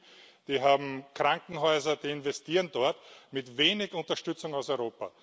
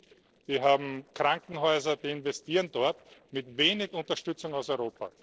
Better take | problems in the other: first | noise reduction (neural separator model SepFormer DNS4)

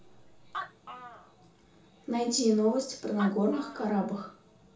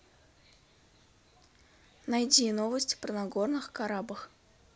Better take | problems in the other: second | background sound (Animal); 16 dB below the speech // room echo; dies away in 0.7 s

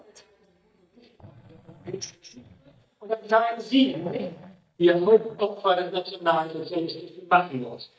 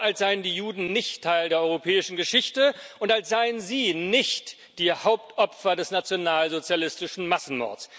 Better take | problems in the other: second | noise reduction (neural mask model DeepFilterNet 3)

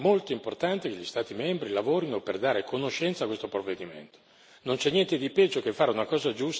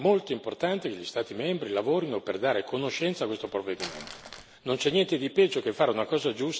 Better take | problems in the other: first | background sound (Crumpling, crinkling); 16 dB below the speech

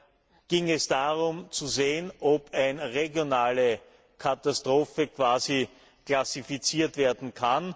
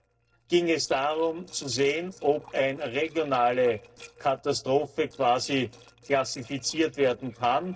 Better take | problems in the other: first | noise reduction (neural separator model SepFormer DNS4)

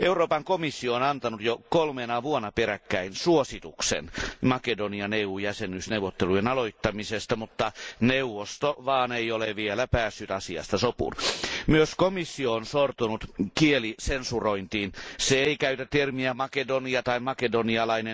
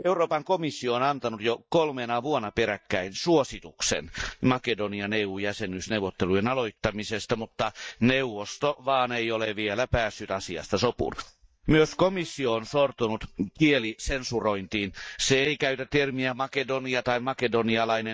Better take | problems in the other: first | noise reduction (neural mask model DeepFilterNet 3)

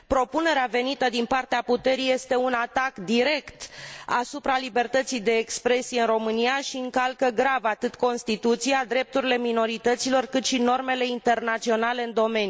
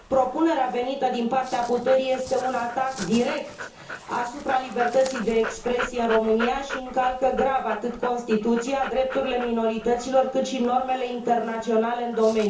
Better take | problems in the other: first | background sound (Dog); 14 dB below the speech // room echo; dies away in 0.6 s

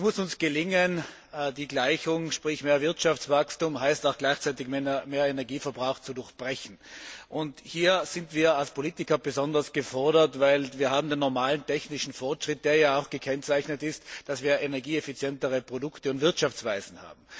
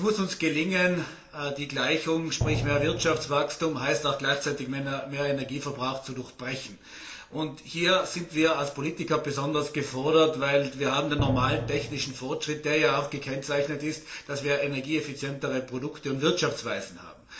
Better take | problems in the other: first | background sound (Drum); 3 dB below the speech // room echo; dies away in 0.5 s

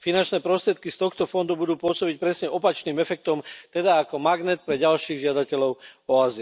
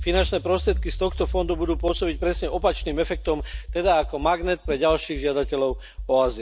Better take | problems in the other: first | background sound (Accelerating, revving, vroom); 7 dB below the speech

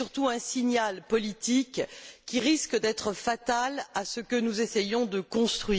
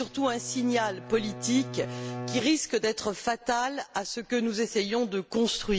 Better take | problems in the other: first | background sound (Bowed string instrument); 11 dB below the speech

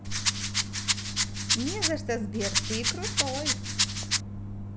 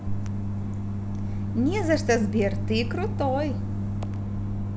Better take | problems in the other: second | background sound (Rattle); 4 dB above the speech

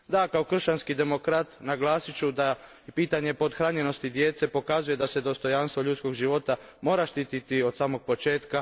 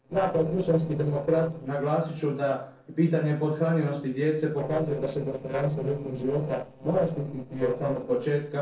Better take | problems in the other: first | noise reduction (neural separator model SepFormer DNS4)

